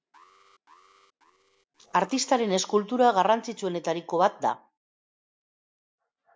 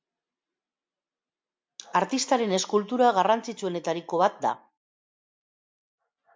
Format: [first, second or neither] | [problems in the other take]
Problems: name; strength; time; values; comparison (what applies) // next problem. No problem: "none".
second | noise reduction (neural separator model SepFormer DNS4)